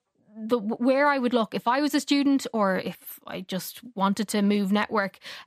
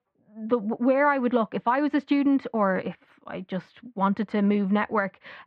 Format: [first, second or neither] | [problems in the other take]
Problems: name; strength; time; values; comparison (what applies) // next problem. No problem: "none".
first | muffled; very; fading above 2.5 kHz